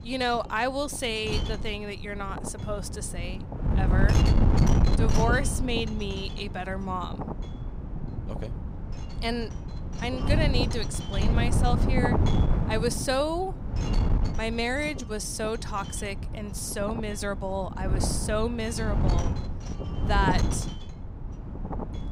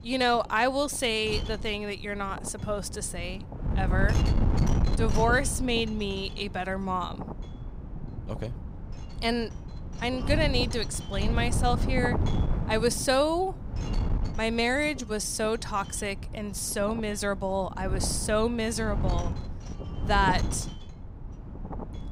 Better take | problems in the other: second | wind noise on the microphone; heavy; 6 dB below the speech; occasional gusts in the second

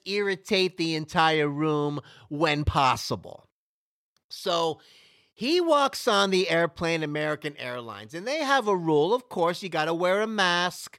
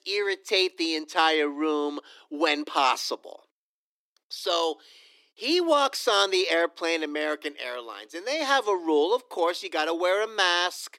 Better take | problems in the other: first | thin; very slightly; fading below 300 Hz

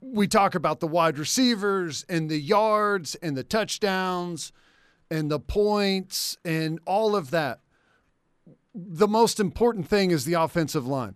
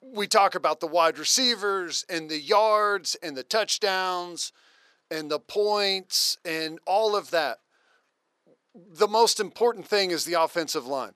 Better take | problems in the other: first | thin; somewhat; fading below 500 Hz

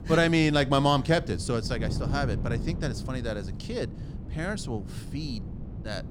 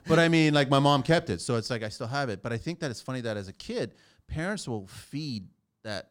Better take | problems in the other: second | wind noise on the microphone; occasional gusts; 15 dB below the speech

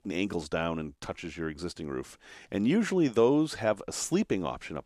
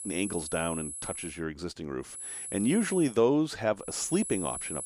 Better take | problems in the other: first | high-pitched whine; loud; until 1.5 s, at 2 s and from 4 s on; 10.5 kHz, 7 dB below the speech

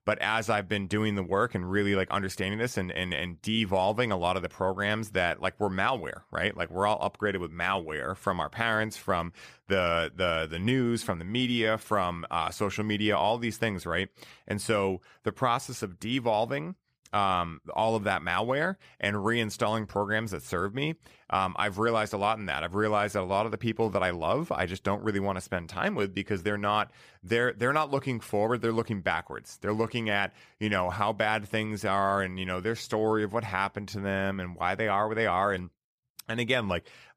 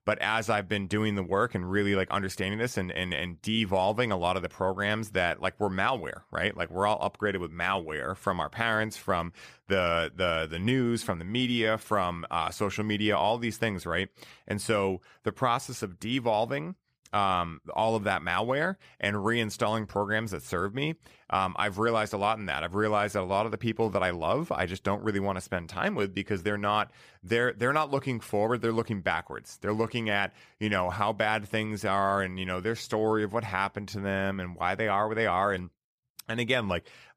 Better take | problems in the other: neither | none

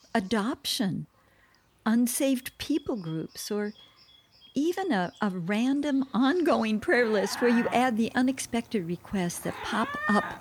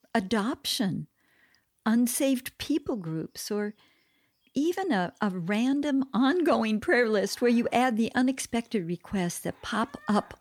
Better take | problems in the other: second | animal sounds; loud; throughout; 7 dB below the speech; faint in the second

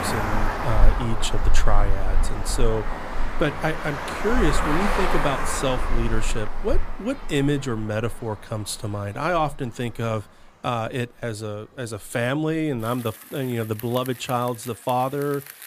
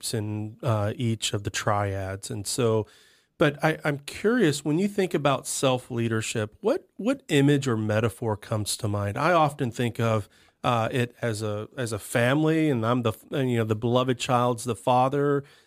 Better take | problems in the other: second | traffic noise; loud; throughout; 1 dB below the speech

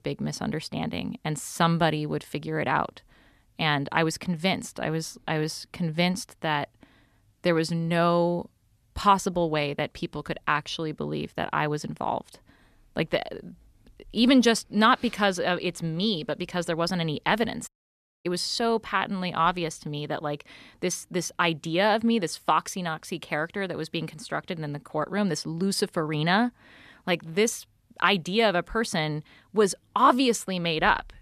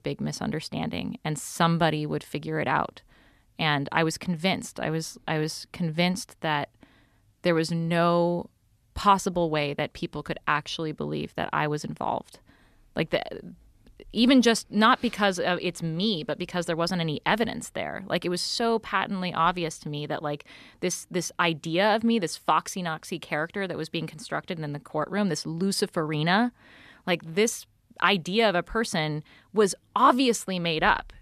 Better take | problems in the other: second | audio cutting out; at 18 s for 0.5 s

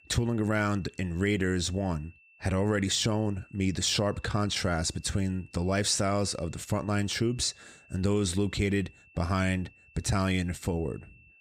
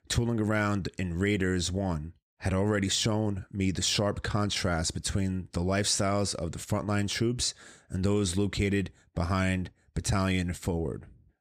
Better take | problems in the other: second | high-pitched whine; faint; throughout; 2.5 kHz, 30 dB below the speech

